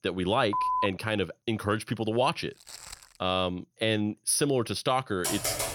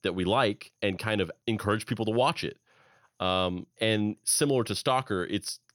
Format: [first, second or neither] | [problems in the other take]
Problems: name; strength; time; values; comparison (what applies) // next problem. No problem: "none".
second | phone ringing; loud; at 0.5 s; peak 1 dB above the speech // footsteps; faint; at 2.5 s; peak 15 dB below the speech // keyboard typing; noticeable; at 5 s; peak level with the speech